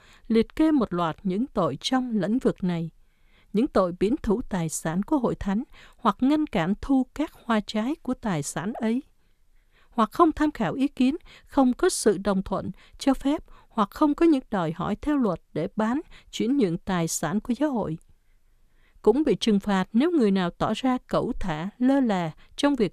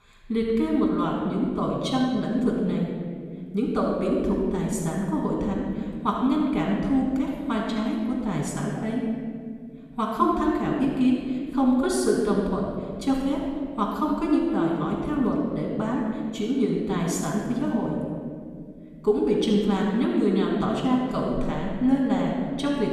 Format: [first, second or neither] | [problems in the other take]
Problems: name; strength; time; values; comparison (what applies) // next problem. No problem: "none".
first | off-mic speech; far // room echo; noticeable; dies away in 2.1 s